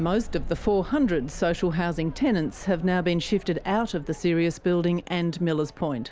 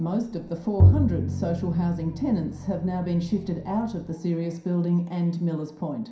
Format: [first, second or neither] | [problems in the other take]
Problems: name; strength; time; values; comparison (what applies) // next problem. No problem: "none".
first | background sound (Bowed string instrument); 1 dB above the speech // room echo; dies away in 0.5 s